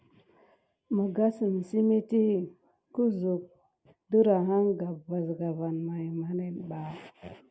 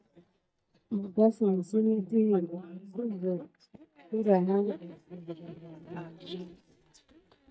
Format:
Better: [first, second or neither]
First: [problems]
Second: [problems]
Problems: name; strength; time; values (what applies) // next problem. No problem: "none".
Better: first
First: none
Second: noise reduction (neural mask model DeepFilterNet 3)